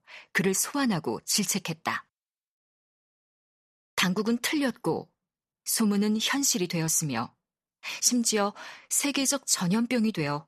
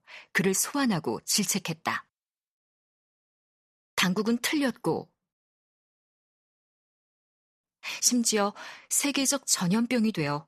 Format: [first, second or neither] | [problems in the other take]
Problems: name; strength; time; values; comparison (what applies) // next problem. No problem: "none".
first | audio cutting out; at 5.5 s for 2.5 s